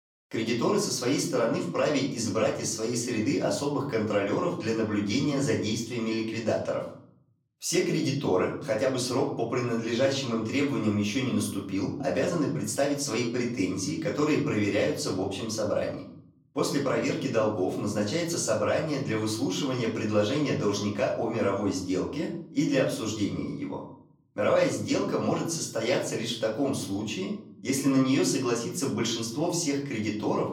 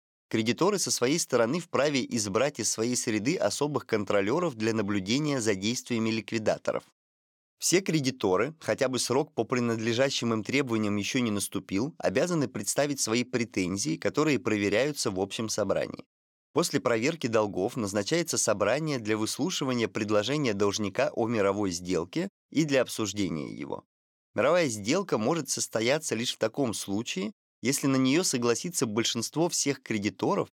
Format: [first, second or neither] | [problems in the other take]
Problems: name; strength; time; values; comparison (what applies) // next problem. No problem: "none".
second | off-mic speech; far // room echo; slight; dies away in 0.6 s